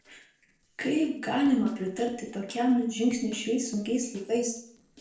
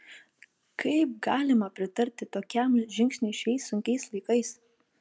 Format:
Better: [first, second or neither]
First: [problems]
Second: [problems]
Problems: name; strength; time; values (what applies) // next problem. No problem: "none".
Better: second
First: noise reduction (neural separator model SepFormer DNS4)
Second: none